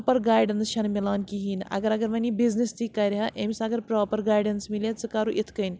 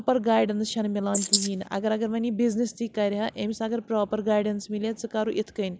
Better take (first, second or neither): first